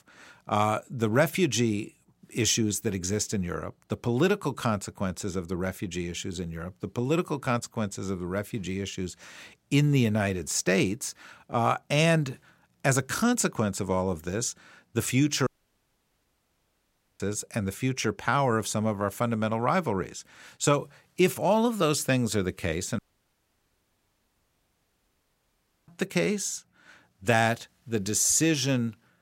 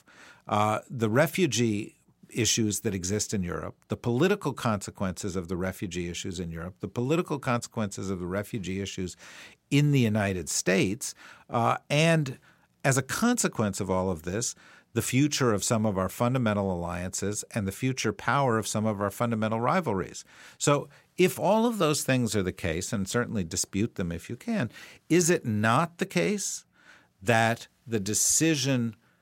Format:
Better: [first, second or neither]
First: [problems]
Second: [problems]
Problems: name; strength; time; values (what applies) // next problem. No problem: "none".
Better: second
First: audio cutting out; at 15 s for 1.5 s and at 23 s for 3 s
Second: none